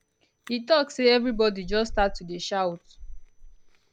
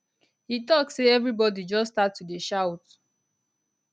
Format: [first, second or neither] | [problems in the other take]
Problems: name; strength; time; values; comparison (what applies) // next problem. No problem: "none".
second | background sound (Chewing, mastication); 13 dB below the speech